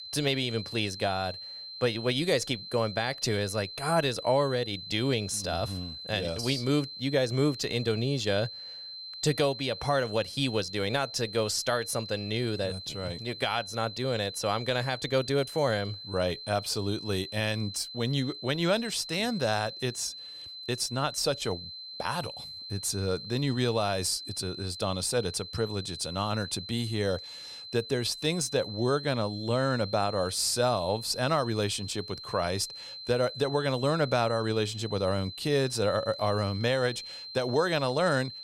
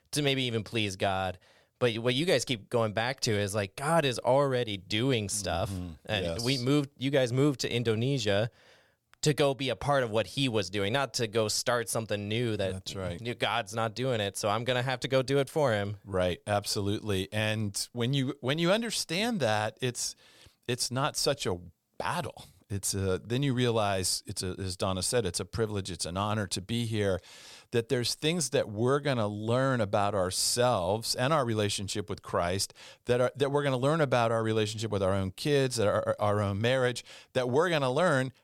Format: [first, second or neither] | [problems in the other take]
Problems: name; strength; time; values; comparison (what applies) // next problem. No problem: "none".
second | high-pitched whine; noticeable; throughout; 4 kHz, 10 dB below the speech